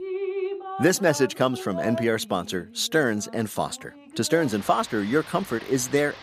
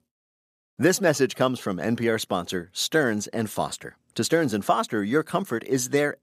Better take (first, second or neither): second